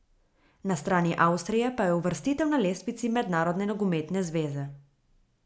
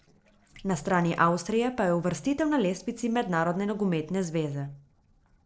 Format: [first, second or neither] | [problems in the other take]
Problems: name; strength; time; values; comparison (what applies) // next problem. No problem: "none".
first | noise reduction (neural separator model SepFormer DNS4)